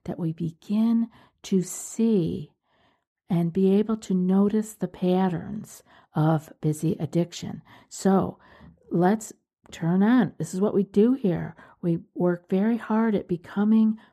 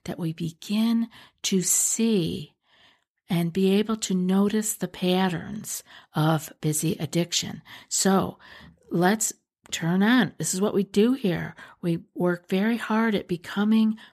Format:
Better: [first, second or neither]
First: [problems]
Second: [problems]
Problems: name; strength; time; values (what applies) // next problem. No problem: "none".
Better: second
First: muffled; slightly; fading above 1.5 kHz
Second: none